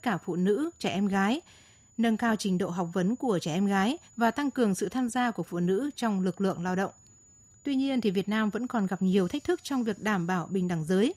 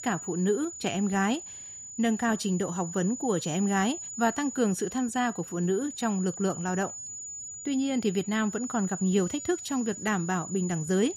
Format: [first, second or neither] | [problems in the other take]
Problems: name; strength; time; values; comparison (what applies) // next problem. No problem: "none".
first | high-pitched whine; loud; throughout; 7 kHz, 9 dB below the speech; faint in the first